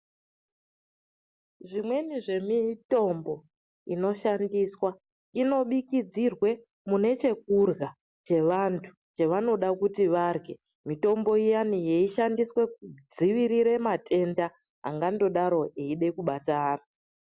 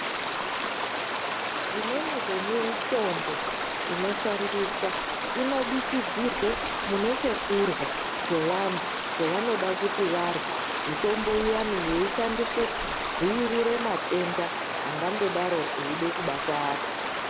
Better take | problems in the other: first | background sound (Stream); as loud as the speech

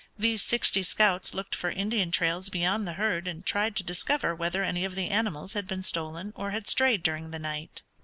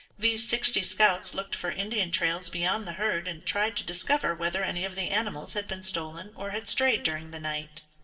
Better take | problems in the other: first | noise reduction (neural separator model SepFormer DNS4)

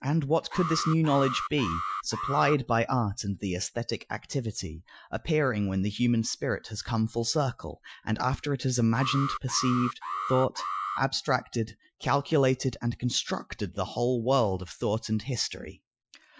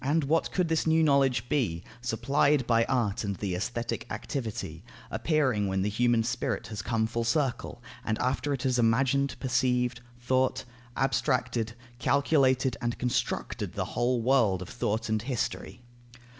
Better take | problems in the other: second | noise reduction (classical method Wiener filter)

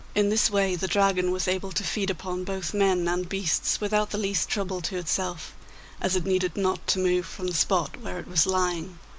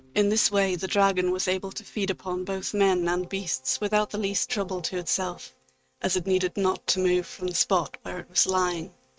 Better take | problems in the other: first | noise reduction (neural mask model RNNoise)

